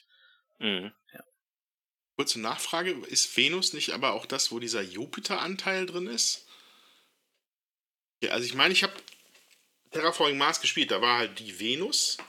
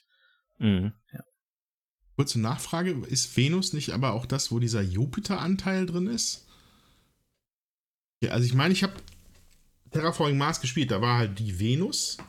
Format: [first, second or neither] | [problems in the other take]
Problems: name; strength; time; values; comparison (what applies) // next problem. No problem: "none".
second | thin; very; fading below 350 Hz